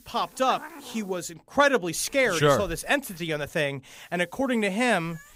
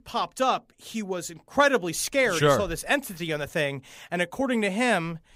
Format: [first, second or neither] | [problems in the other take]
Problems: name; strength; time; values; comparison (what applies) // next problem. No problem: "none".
second | hiss; faint; until 1.5 s, at 2 s and from 4 s on; 20 dB below the speech